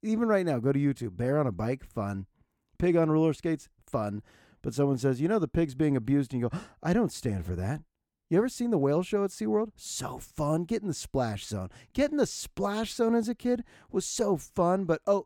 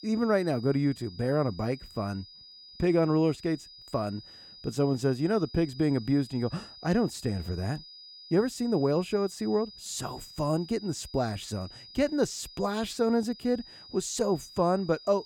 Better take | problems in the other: first | high-pitched whine; noticeable; throughout; 5 kHz, 15 dB below the speech

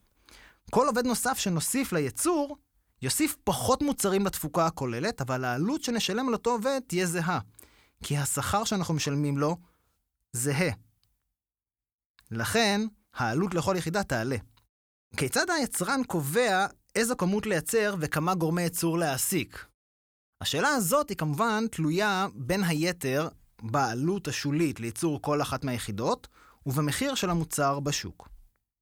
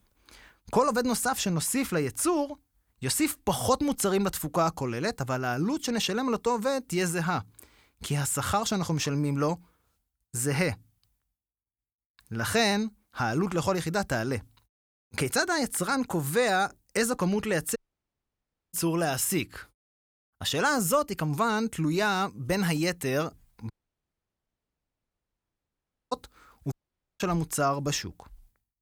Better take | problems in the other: first | audio cutting out; at 18 s for 1 s, at 24 s for 2.5 s and at 27 s

